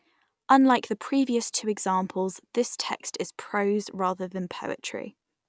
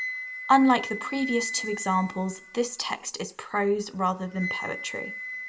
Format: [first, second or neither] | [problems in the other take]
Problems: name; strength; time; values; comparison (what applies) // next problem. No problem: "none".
first | background sound (Wind instrument, woodwind instrument); 10 dB below the speech // room echo; dies away in 0.4 s